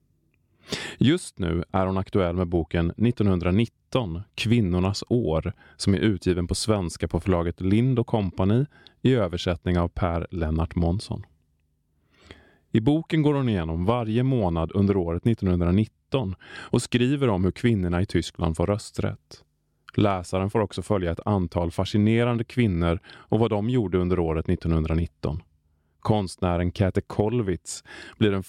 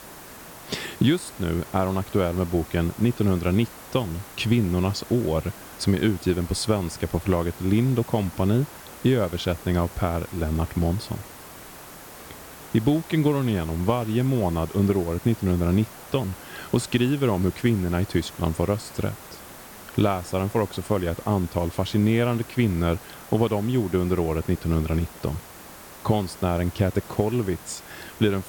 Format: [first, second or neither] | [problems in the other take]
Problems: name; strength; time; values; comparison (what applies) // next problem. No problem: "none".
first | hiss; noticeable; throughout; 15 dB below the speech